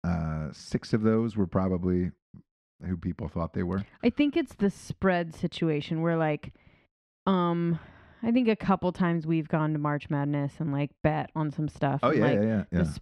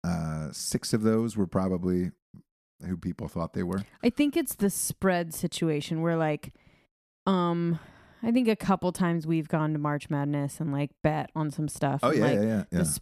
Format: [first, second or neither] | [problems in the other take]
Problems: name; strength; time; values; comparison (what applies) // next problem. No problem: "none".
second | muffled; slightly; fading above 3 kHz